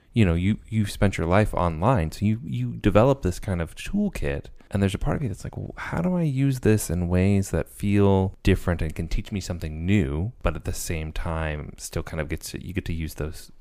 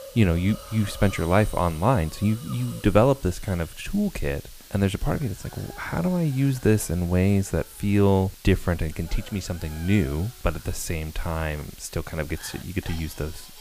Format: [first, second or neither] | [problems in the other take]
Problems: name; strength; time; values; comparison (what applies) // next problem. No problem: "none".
first | hiss; noticeable; throughout; 20 dB below the speech